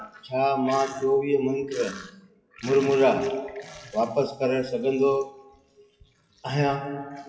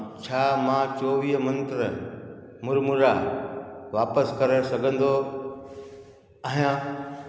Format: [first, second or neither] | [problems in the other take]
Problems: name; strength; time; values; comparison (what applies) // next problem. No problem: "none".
second | noise reduction (classical method WPE with log-MMSE)